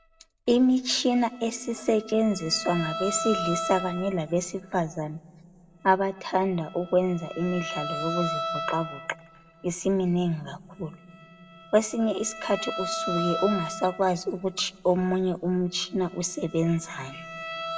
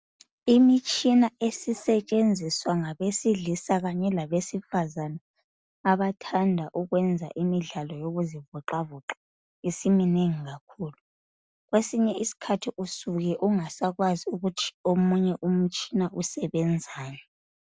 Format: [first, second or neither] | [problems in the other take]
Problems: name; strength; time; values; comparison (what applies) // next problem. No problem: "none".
second | background sound (Bowed string instrument); 10 dB below the speech // room echo; dies away in 0.3 s